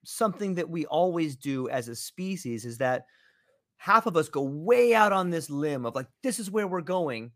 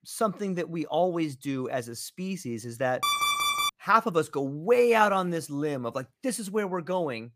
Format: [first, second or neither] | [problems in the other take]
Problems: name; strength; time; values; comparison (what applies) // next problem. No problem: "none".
first | alarm; loud; at 3 s; peak 4 dB above the speech